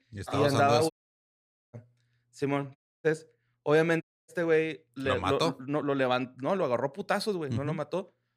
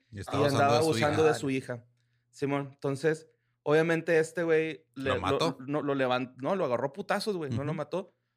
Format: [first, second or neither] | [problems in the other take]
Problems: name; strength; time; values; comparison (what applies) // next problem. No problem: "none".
second | audio cutting out; at 1 s for 1 s, at 3 s and at 4 s